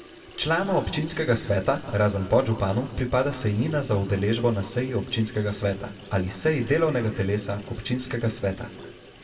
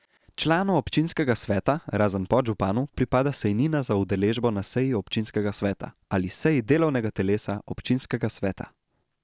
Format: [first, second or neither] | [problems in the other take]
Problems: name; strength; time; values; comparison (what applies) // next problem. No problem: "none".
second | background sound (Sink (filling or washing) / Water tap, faucet); 20 dB below the speech // room echo; dies away in 1.4 s